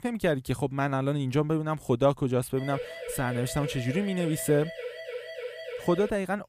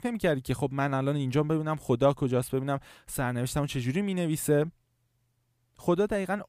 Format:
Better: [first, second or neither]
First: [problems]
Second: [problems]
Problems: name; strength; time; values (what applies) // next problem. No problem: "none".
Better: second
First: siren; noticeable; from 2.5 s on; peak 9 dB below the speech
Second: none